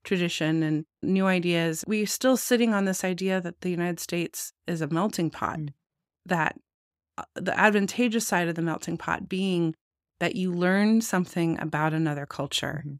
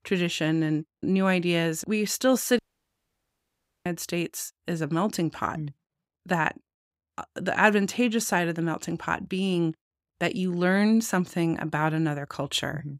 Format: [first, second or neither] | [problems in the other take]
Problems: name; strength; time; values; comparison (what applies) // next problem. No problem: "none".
first | audio cutting out; at 2.5 s for 1.5 s